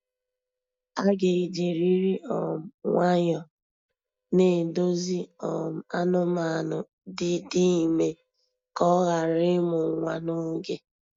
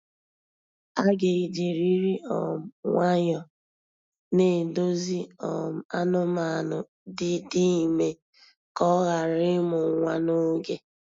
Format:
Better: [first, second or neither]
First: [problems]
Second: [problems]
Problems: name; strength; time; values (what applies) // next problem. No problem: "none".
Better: second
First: noise reduction (neural mask model DeepFilterNet 3)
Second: none